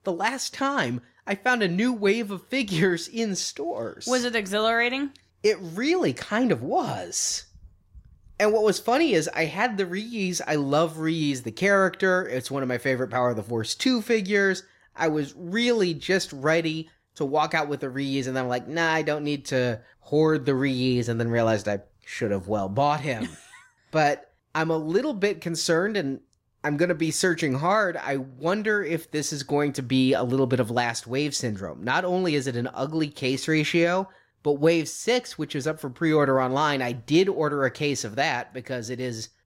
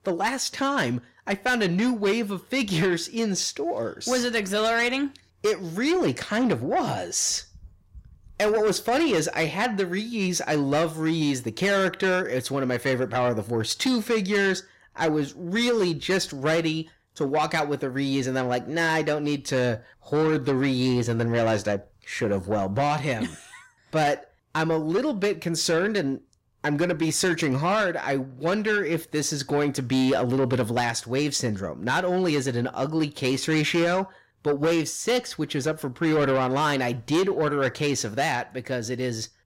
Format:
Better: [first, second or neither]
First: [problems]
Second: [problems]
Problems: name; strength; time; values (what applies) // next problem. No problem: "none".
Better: first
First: none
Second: distortion; slight; 10 dB below the speech